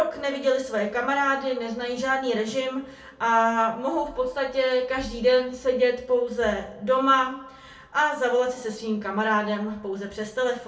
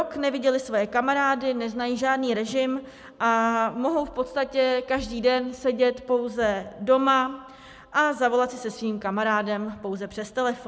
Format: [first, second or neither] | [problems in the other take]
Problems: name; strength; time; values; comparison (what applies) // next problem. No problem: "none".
second | room echo; dies away in 0.3 s